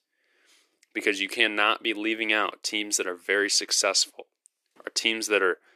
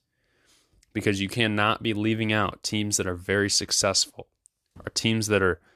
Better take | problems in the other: second | thin; somewhat; fading below 350 Hz

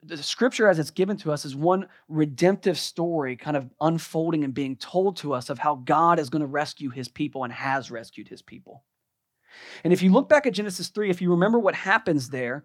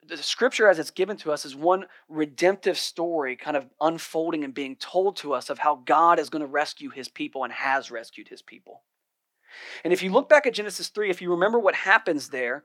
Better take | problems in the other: first | thin; somewhat; fading below 400 Hz

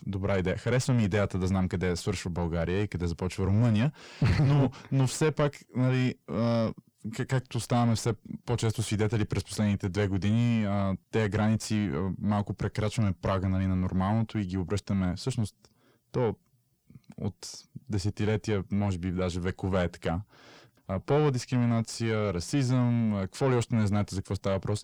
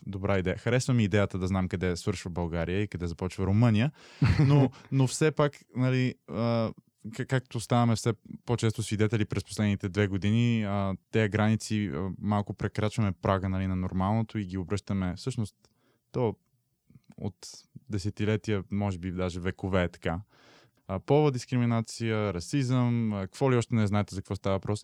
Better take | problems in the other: second | distortion; slight; 9 dB below the speech

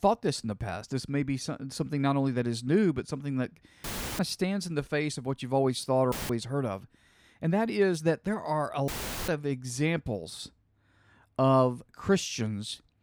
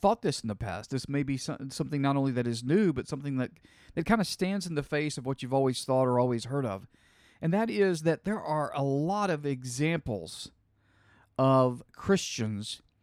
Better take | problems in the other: second | audio cutting out; filled with static; at 4 s, at 6 s and at 9 s

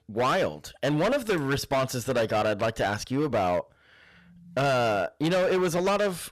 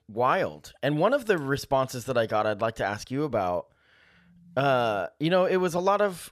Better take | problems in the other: second | distortion; heavy; 18% of the sound clipped

